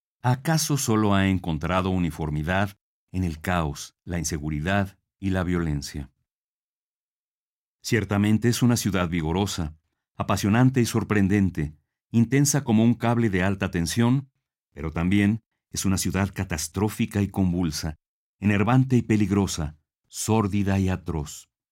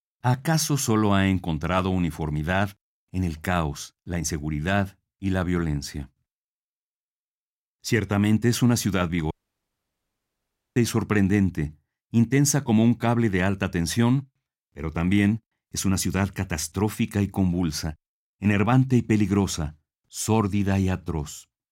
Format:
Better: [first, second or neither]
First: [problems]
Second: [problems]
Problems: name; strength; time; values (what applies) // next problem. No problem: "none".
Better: first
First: none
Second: audio cutting out; at 9.5 s for 1.5 s